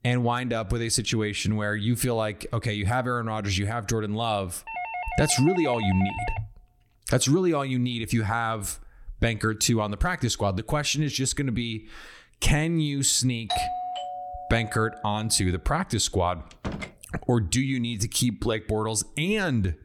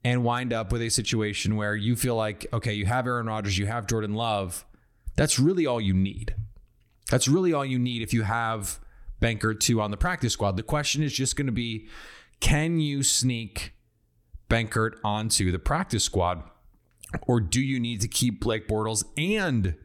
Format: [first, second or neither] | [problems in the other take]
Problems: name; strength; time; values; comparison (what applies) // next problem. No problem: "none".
second | doorbell; noticeable; from 4.5 to 6.5 s and from 14 to 15 s; peak 3 dB below the speech // door banging; noticeable; at 17 s; peak 9 dB below the speech